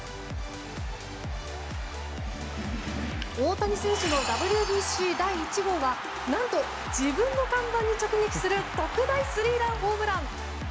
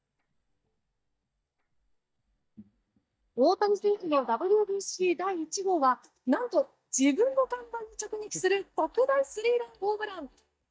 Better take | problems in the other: first | noise reduction (neural mask model DeepFilterNet 3)

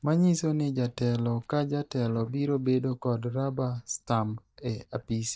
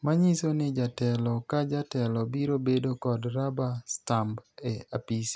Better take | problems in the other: second | noise reduction (neural mask model DeepFilterNet 3)

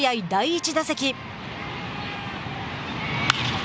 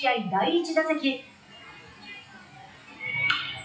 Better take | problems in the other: first | noise reduction (classical method WPE with log-MMSE)

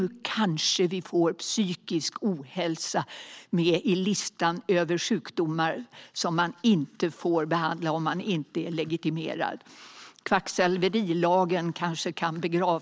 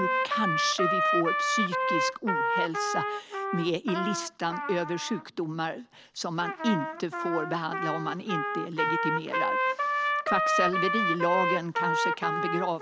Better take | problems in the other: first | background sound (Trumpet); 2 dB above the speech

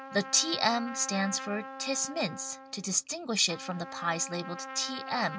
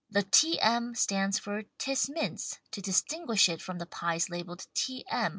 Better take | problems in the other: second | background sound (Trumpet); 11 dB below the speech

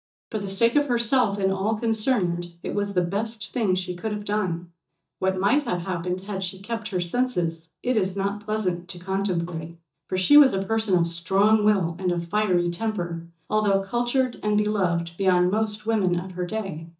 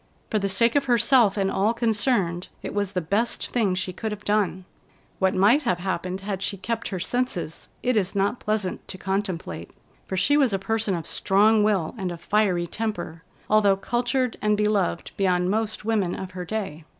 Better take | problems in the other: second | noise reduction (neural mask model DeepFilterNet 3)

